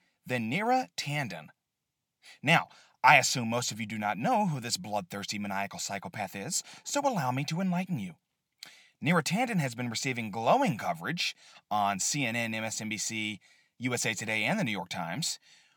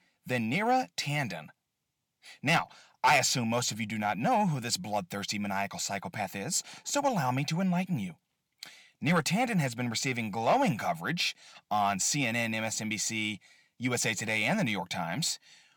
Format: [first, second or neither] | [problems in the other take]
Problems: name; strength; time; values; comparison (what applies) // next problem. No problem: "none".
first | distortion; slight; 10 dB below the speech